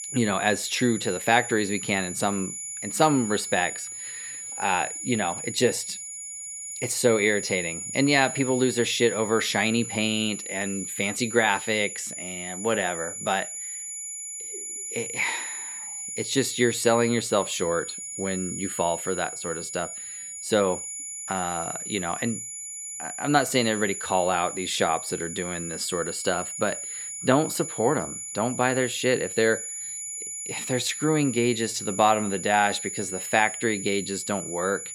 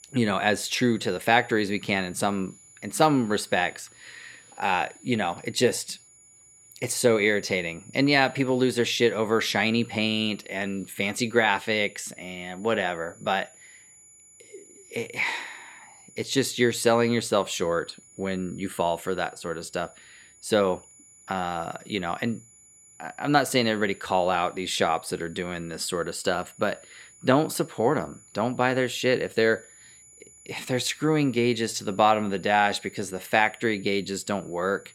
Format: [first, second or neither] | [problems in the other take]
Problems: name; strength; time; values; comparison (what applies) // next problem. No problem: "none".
second | high-pitched whine; loud; throughout; 7 kHz, 7 dB below the speech; faint in the second